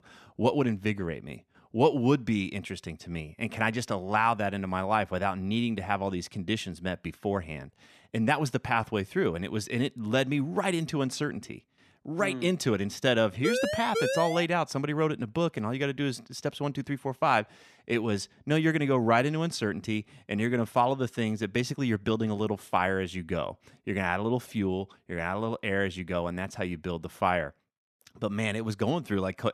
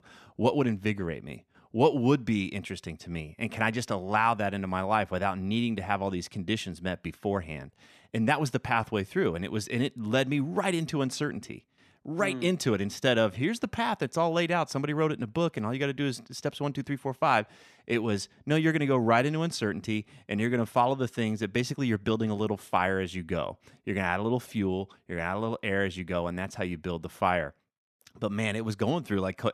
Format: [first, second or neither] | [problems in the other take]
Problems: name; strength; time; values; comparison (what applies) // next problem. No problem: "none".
second | siren; loud; from 13 to 14 s; peak level with the speech